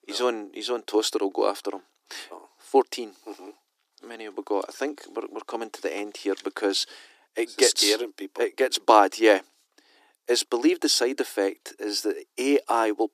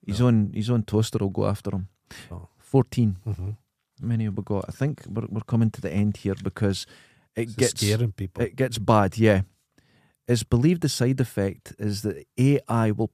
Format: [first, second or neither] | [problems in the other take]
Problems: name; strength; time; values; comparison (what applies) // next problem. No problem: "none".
second | thin; very; fading below 300 Hz